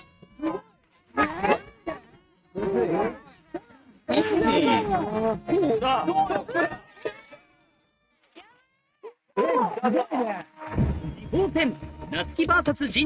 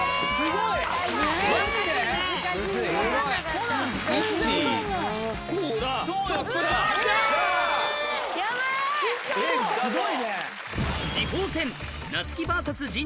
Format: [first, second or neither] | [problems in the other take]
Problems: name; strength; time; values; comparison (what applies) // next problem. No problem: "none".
second | noise reduction (neural mask model RNNoise)